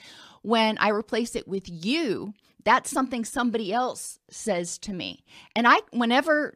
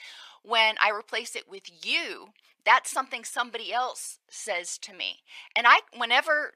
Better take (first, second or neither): first